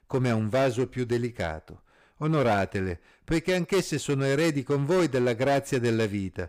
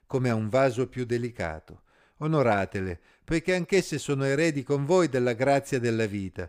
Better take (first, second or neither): second